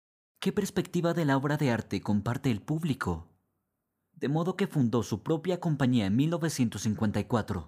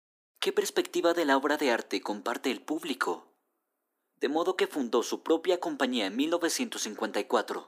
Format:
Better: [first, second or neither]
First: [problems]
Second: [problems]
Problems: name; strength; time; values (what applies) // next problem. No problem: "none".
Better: first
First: none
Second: thin; somewhat; fading below 300 Hz